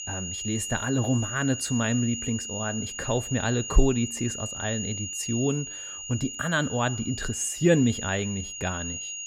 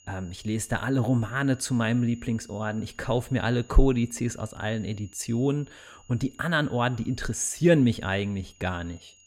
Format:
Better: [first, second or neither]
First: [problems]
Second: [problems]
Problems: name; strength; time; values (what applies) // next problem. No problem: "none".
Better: second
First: high-pitched whine; loud; throughout; 7 kHz, 6 dB below the speech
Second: high-pitched whine; faint; throughout; 7 kHz, 30 dB below the speech